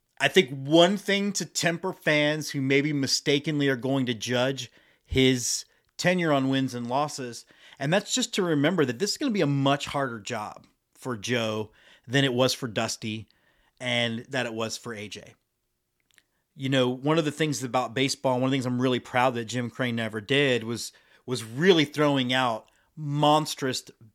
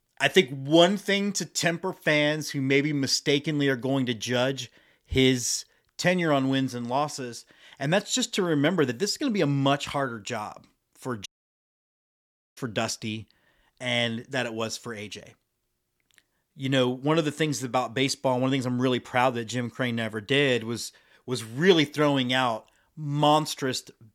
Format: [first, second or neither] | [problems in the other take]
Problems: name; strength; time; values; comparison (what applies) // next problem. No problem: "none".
first | audio cutting out; at 11 s for 1.5 s